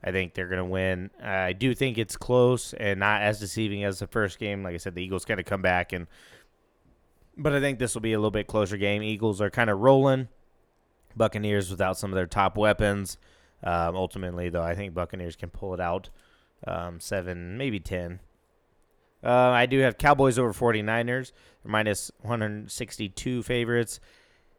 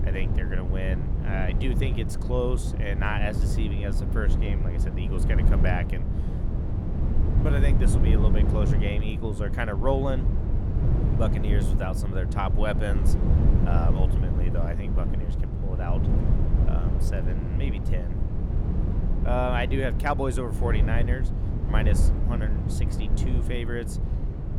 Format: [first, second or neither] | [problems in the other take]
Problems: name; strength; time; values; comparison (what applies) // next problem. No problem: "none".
first | wind noise on the microphone; heavy; 5 dB below the speech